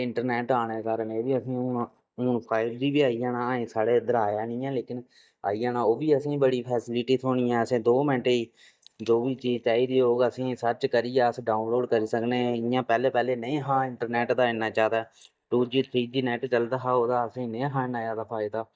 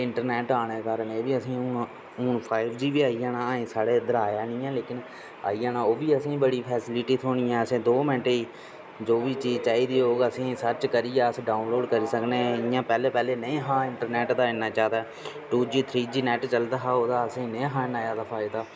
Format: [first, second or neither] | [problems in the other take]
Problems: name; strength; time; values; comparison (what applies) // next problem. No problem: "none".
second | noise reduction (neural mask model DeepFilterNet 3)